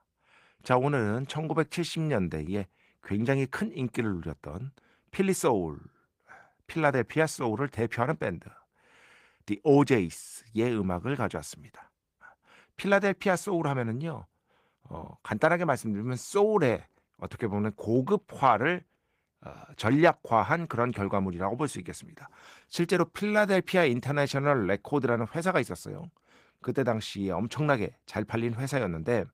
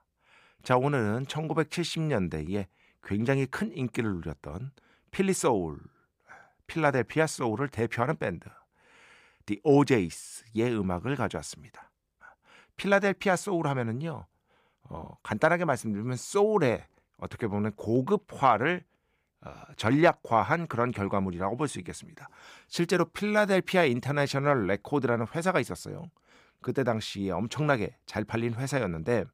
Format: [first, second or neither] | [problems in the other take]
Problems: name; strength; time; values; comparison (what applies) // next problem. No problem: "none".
second | garbled, watery; slightly; nothing above 15.5 kHz